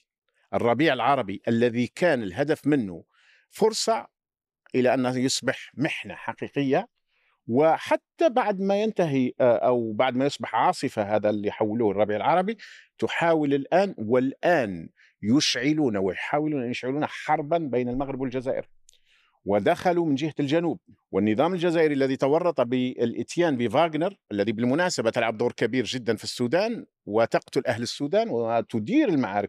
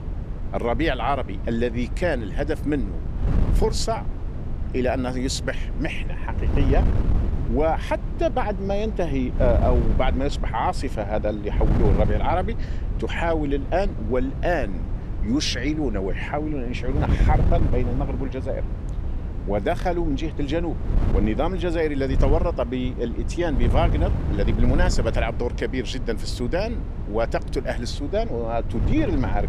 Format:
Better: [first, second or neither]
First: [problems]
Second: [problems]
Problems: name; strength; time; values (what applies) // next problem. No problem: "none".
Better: first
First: none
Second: wind noise on the microphone; occasional gusts; 10 dB below the speech